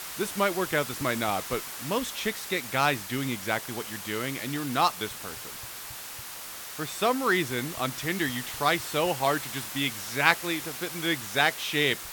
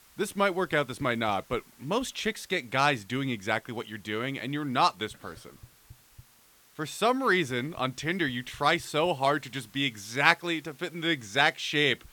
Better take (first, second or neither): second